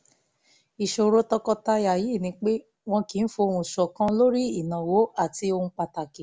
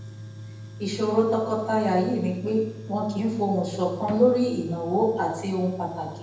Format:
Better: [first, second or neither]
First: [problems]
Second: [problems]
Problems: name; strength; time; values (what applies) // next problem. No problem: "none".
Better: first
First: none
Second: background sound (Tools); 15 dB below the speech // room echo; dies away in 0.9 s